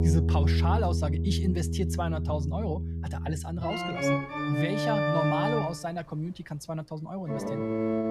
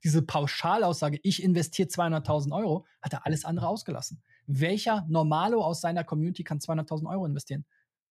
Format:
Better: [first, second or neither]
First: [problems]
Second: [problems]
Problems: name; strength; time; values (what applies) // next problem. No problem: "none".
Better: second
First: background music; very loud; throughout; 4 dB above the speech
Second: none